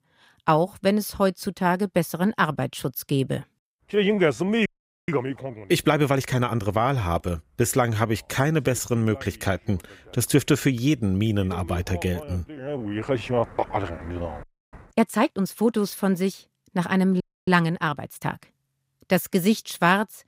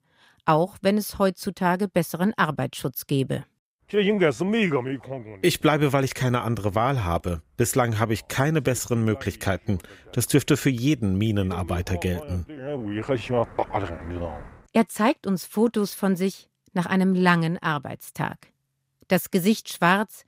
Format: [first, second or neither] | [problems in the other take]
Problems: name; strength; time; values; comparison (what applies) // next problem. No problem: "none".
second | audio freezing; at 4.5 s, at 14 s and at 17 s